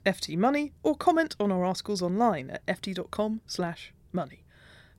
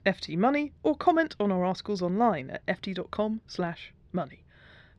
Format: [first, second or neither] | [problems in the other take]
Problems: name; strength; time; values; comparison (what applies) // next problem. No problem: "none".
first | muffled; very slightly; fading above 3 kHz